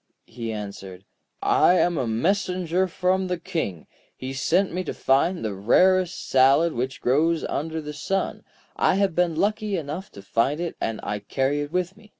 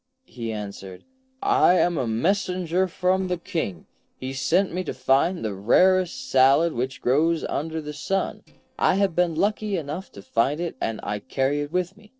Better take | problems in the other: first | noise reduction (neural separator model SepFormer DNS4)

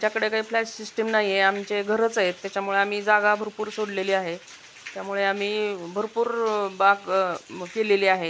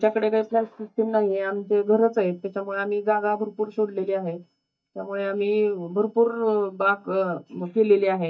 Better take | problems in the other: first | noise reduction (neural mask model DeepFilterNet 3)

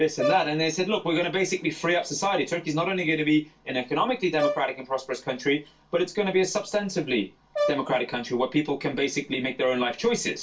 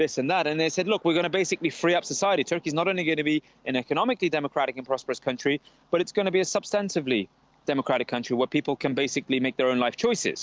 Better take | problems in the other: second | background sound (Brass instrument); 6 dB below the speech // room echo; dies away in 0.2 s

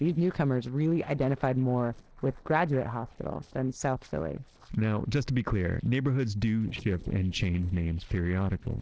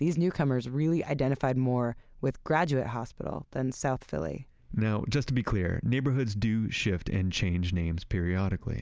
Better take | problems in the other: second | noise reduction (neural separator model SepFormer DNS4)

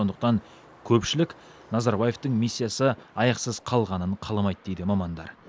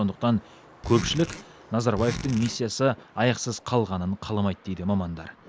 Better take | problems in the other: first | background sound (Zipper (clothing)); 10 dB below the speech

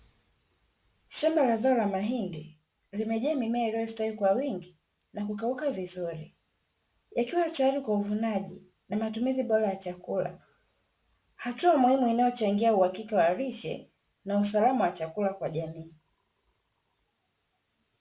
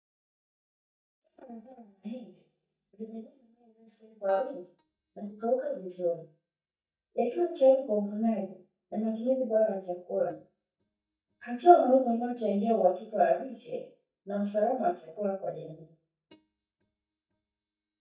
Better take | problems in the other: first | noise reduction (neural mask model DeepFilterNet 3)

